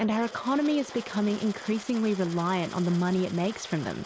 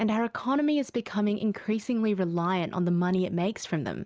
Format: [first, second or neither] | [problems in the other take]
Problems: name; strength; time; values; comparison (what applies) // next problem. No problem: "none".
second | background sound (Coin (dropping) + Applause); 16 dB below the speech